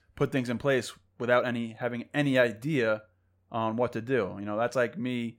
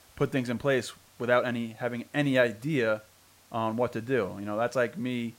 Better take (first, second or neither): first